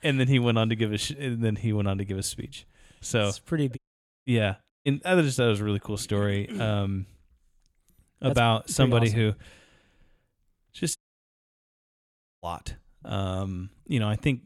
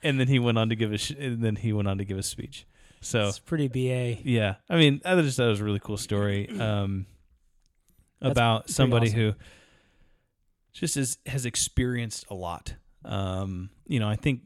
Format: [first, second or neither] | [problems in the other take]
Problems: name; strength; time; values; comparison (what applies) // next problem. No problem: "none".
second | audio cutting out; at 4 s, at 4.5 s and at 11 s for 1.5 s